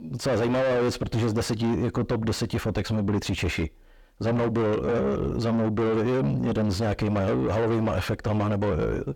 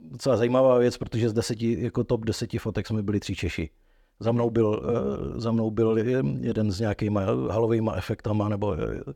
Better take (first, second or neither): second